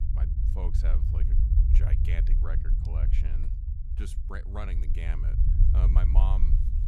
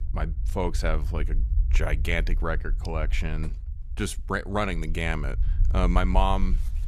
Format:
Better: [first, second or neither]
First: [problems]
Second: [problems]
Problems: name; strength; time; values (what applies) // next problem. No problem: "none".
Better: second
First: low rumble; loud; throughout; 2 dB below the speech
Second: low rumble; faint; throughout; 20 dB below the speech